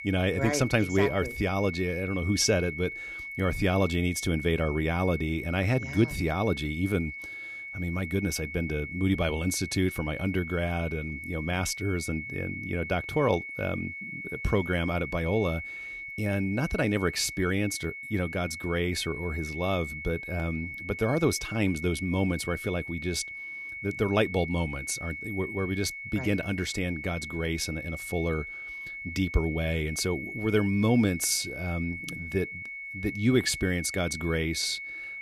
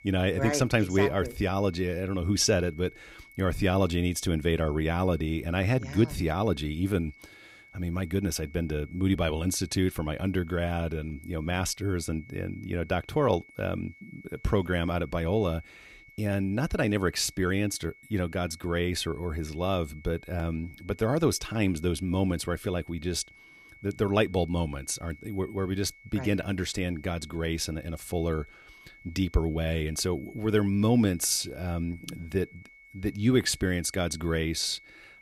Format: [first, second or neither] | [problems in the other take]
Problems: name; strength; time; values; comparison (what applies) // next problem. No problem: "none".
second | high-pitched whine; loud; throughout; 2 kHz, 8 dB below the speech; faint in the second